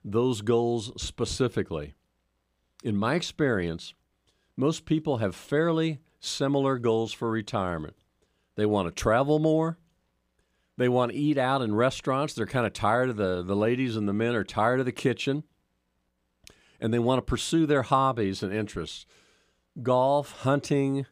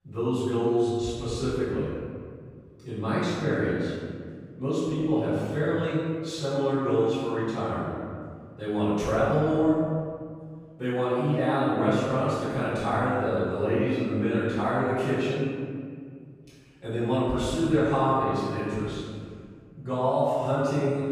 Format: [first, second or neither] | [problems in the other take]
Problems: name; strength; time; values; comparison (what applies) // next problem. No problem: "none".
first | off-mic speech; far // room echo; strong; dies away in 2 s